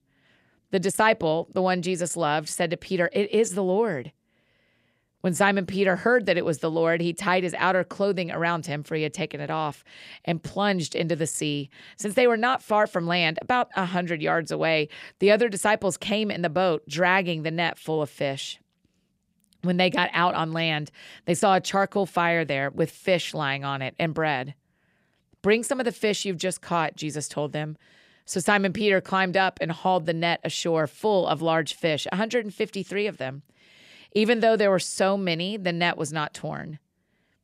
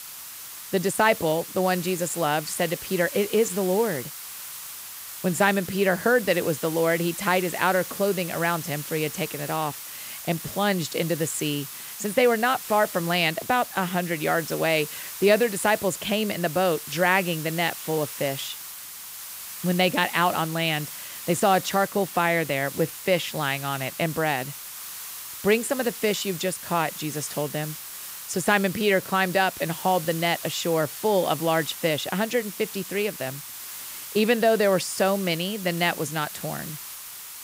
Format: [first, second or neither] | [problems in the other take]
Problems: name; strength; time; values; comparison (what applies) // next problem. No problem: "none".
first | hiss; noticeable; throughout; 10 dB below the speech